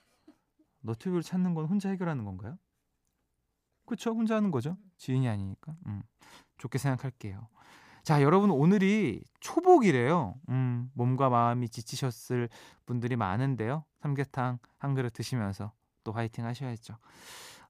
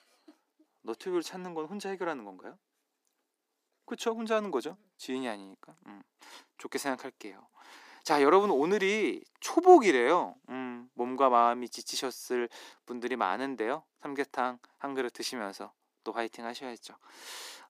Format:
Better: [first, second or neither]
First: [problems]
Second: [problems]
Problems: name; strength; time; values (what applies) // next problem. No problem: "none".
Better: first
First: none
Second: thin; somewhat; fading below 300 Hz